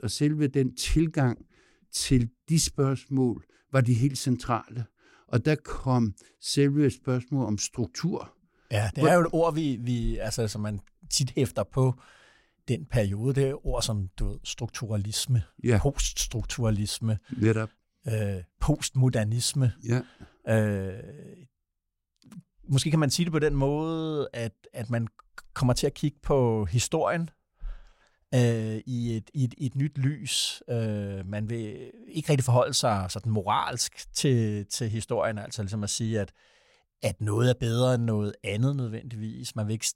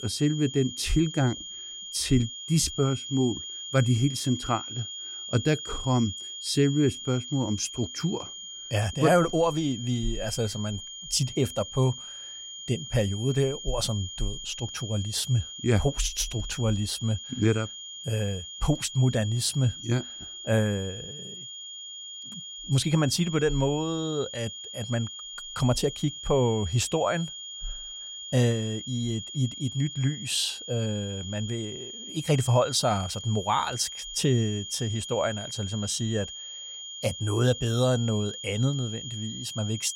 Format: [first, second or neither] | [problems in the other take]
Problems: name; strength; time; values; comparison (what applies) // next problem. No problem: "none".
first | high-pitched whine; loud; throughout; 3.5 kHz, 9 dB below the speech